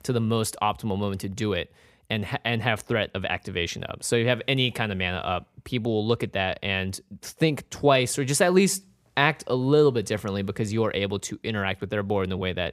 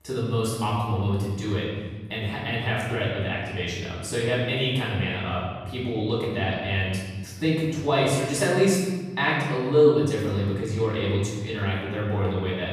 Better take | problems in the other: first | off-mic speech; far // room echo; noticeable; dies away in 1.6 s

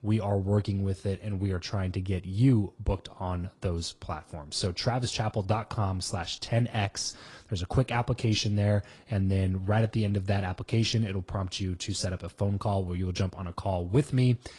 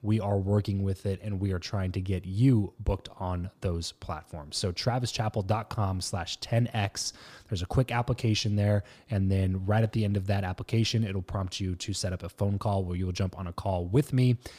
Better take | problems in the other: second | garbled, watery; slightly; nothing above 10 kHz

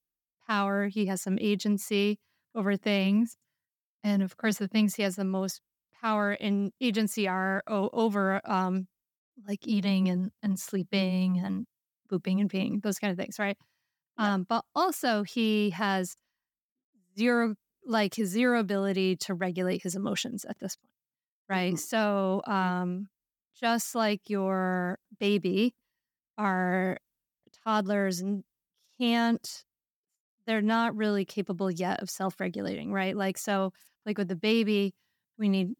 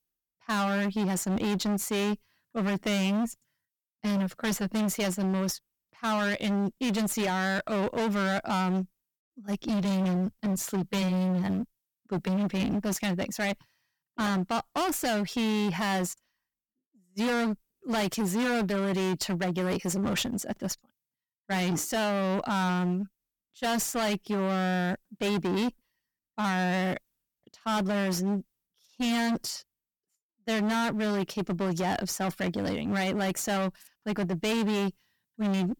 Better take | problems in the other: first | distortion; heavy; 28% of the sound clipped

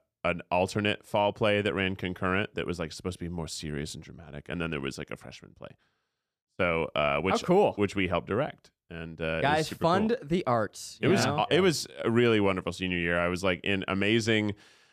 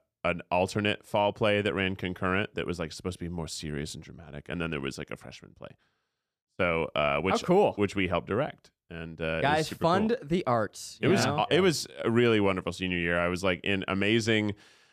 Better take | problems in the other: neither | none

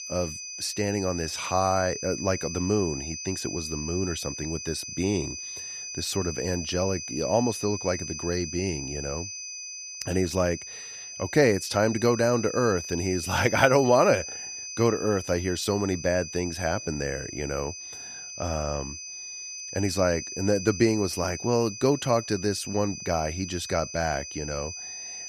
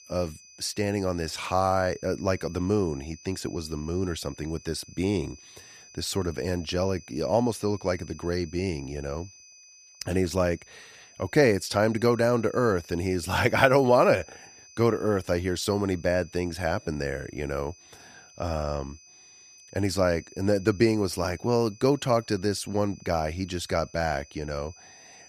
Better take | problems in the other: second | high-pitched whine; loud; throughout; 6 kHz, 8 dB below the speech; faint in the second

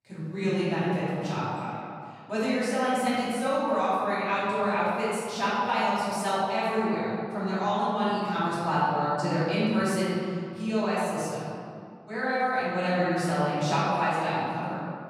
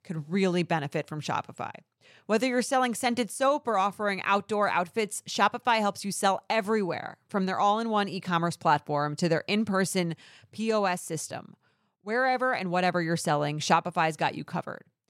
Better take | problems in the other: second | off-mic speech; far // room echo; strong; dies away in 2.2 s

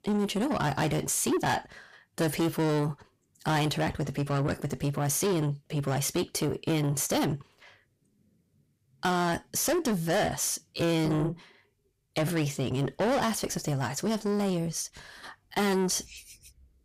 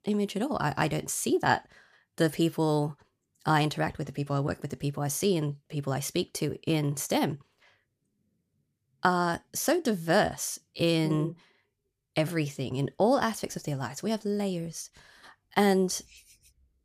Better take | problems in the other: second | distortion; heavy; 6 dB below the speech

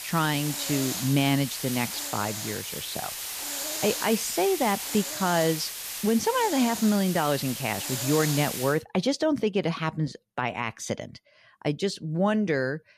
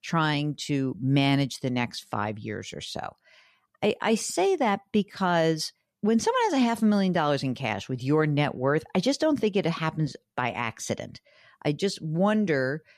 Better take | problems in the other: second | hiss; loud; until 8.5 s; 5 dB below the speech

